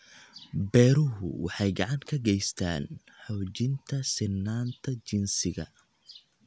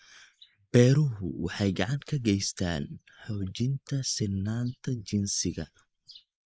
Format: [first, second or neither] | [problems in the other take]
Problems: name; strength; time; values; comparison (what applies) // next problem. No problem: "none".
first | noise reduction (neural mask model Resemble Enhance denoiser)